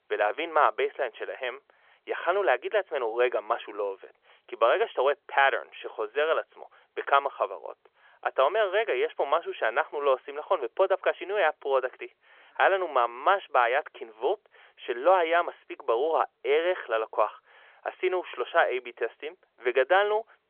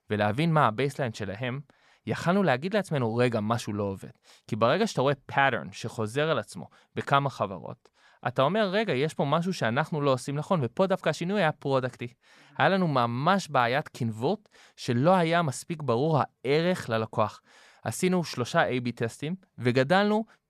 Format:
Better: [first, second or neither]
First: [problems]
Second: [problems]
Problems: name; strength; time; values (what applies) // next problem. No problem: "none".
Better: second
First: phone-call audio; nothing above 3.5 kHz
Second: none